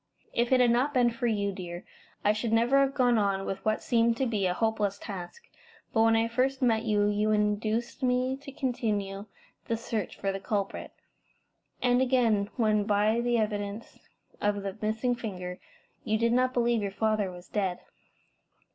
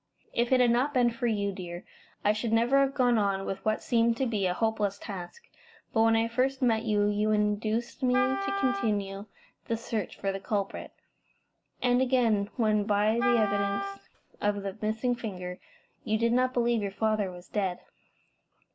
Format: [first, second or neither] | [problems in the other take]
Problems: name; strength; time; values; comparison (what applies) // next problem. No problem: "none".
first | background sound (Wind instrument, woodwind instrument); 6 dB below the speech